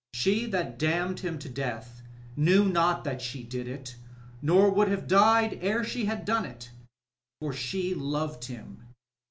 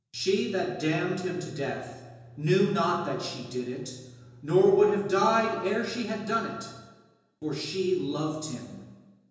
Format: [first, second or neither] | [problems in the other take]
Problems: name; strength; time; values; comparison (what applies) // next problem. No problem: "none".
first | room echo; dies away in 1 s